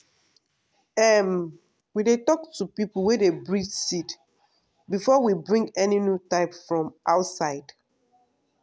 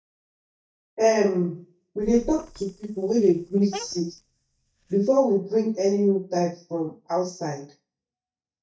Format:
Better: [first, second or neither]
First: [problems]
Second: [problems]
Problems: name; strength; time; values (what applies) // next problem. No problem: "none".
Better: first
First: none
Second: noise reduction (neural mask model DeepFilterNet 3)